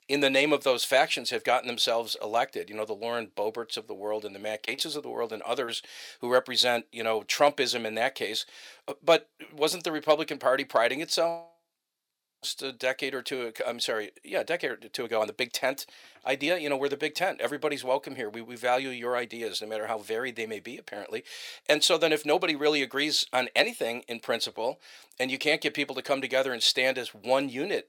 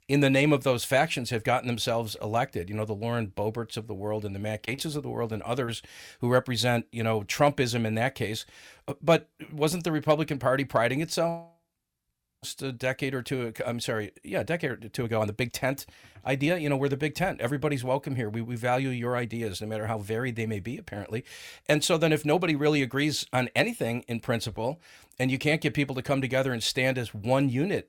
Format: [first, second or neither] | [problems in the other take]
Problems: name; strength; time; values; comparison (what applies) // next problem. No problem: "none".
second | thin; somewhat; fading below 450 Hz